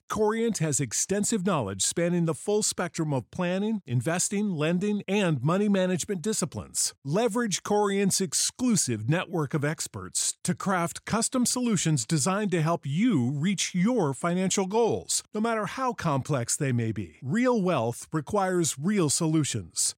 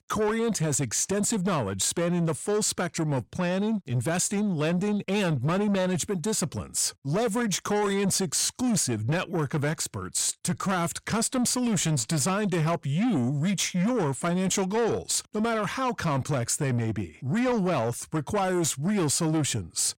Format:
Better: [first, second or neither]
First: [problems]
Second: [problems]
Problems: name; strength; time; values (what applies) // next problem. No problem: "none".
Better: first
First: none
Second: distortion; slight; 10 dB below the speech